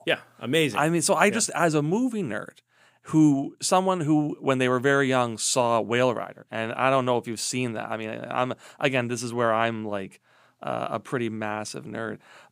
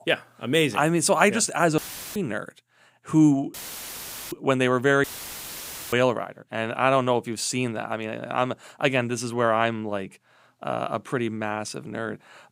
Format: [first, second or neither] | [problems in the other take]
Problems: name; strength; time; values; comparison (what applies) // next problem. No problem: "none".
first | audio cutting out; filled with static; at 2 s, at 3.5 s for 1 s and at 5 s for 1 s